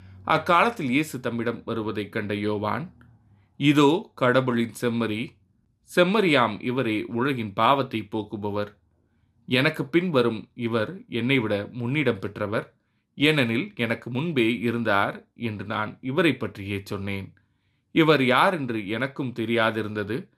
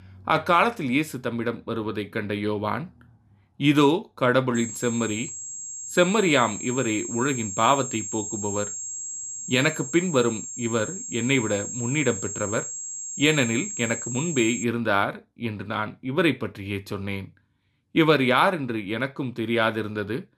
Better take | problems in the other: first | high-pitched whine; loud; from 4.5 to 15 s; 7.5 kHz, 7 dB below the speech

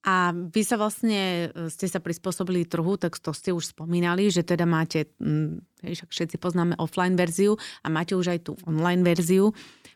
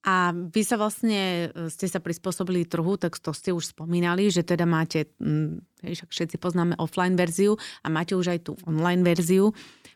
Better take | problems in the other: neither | none

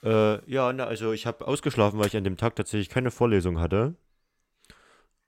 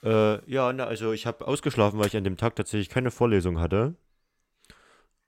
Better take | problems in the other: neither | none

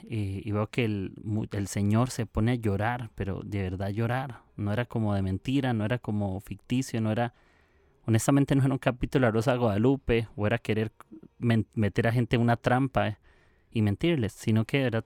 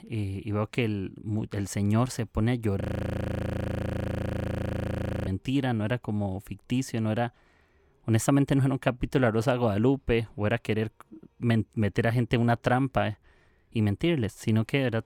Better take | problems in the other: first | audio freezing; at 3 s for 2.5 s

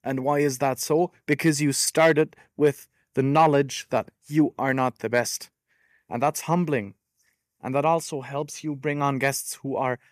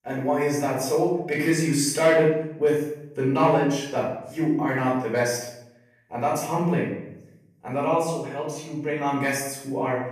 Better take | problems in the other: first | room echo; noticeable; dies away in 0.7 s // off-mic speech; far

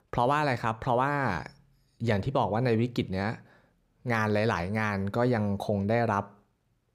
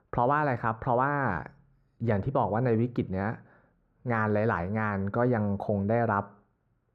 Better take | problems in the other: first | muffled; very; fading above 2.5 kHz

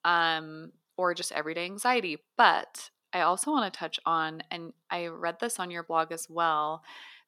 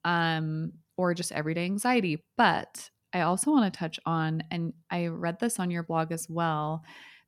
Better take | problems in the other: second | thin; somewhat; fading below 450 Hz

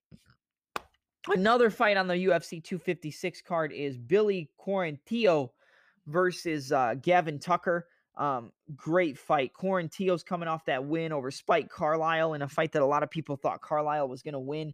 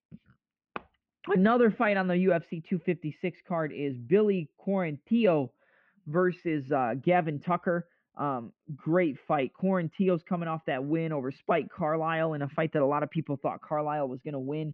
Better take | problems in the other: first | muffled; very; fading above 2.5 kHz

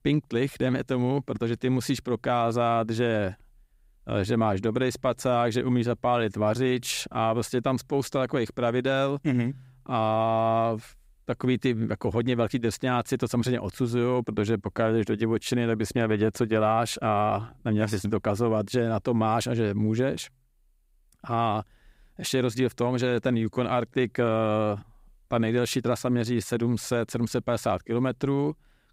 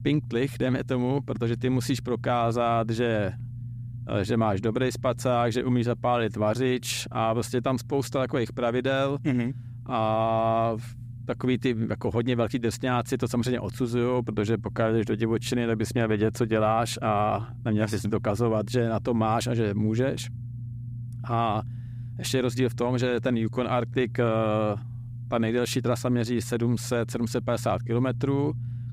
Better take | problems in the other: first | low rumble; faint; throughout; 20 dB below the speech

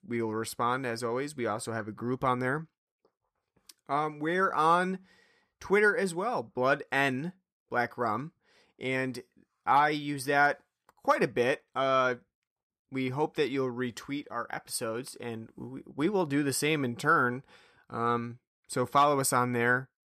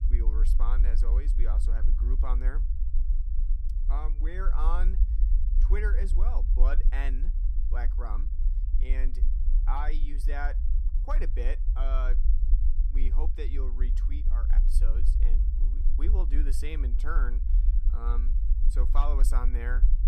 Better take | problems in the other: first | low rumble; noticeable; throughout; 10 dB below the speech

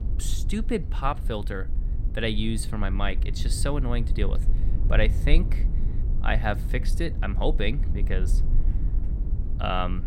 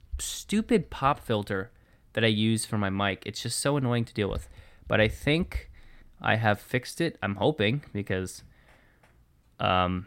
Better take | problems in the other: second | low rumble; noticeable; throughout; 15 dB below the speech

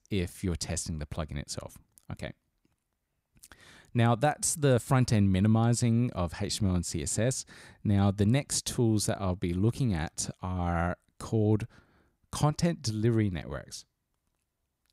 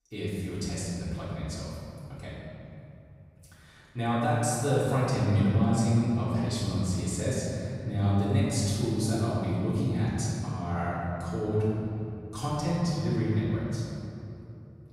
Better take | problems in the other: first | off-mic speech; far // room echo; strong; dies away in 2.6 s

